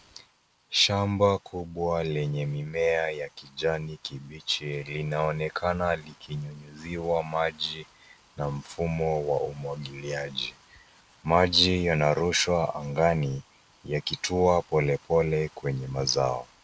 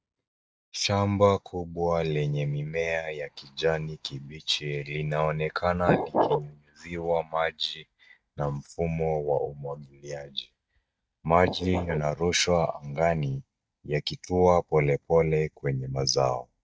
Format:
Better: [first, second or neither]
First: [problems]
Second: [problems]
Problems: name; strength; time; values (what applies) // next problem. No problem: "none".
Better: first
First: none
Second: noise reduction (neural mask model DeepFilterNet 3)